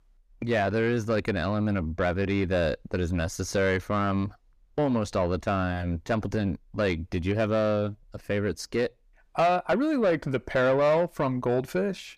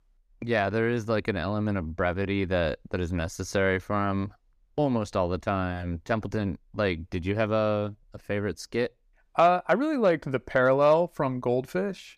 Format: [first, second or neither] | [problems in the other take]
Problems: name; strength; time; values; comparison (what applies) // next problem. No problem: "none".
second | distortion; slight; 10 dB below the speech